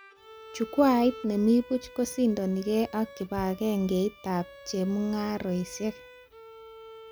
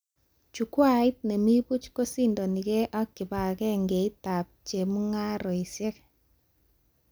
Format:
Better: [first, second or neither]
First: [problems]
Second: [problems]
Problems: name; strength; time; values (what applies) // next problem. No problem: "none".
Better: second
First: background sound (Bowed string instrument); 19 dB below the speech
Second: none